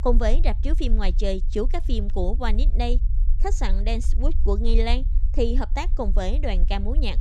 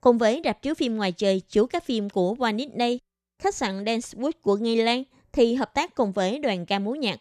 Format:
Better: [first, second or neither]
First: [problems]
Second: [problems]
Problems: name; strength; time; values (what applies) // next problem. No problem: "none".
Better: second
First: low rumble; noticeable; throughout; 20 dB below the speech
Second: none